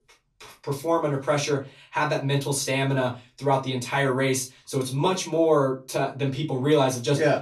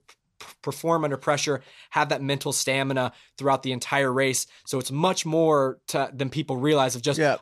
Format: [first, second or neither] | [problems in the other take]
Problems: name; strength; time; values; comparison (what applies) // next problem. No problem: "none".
second | off-mic speech; far // room echo; very slight; dies away in 0.2 s